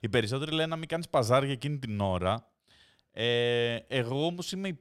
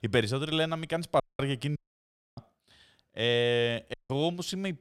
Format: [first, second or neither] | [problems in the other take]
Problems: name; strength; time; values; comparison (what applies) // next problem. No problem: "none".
first | audio cutting out; at 1 s, at 2 s for 0.5 s and at 4 s